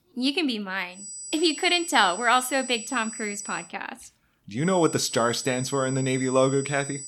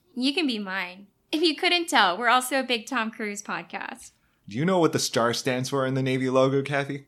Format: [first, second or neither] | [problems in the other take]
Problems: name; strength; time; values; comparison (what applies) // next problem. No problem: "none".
second | high-pitched whine; noticeable; from 1 to 3.5 s and from 4.5 s on; 8 kHz, 10 dB below the speech